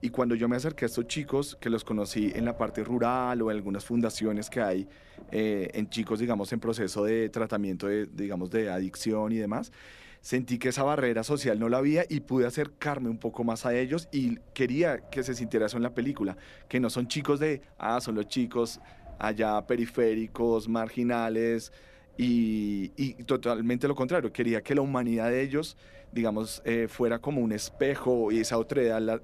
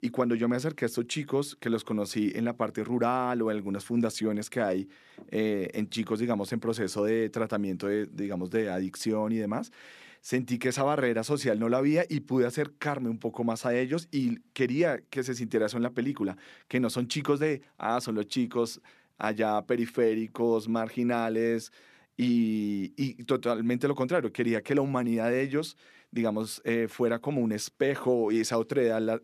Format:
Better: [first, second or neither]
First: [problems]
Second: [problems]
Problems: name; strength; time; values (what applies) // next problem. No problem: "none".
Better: second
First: wind noise on the microphone; occasional gusts; 25 dB below the speech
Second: none